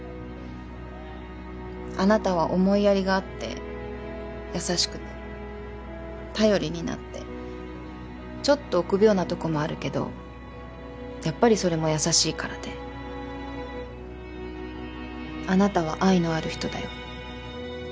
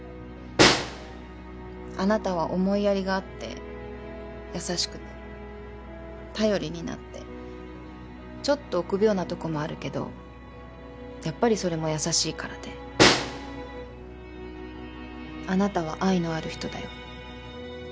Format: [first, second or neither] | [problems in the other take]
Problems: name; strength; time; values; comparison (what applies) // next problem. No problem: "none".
first | background sound (Snare drum); 2 dB above the speech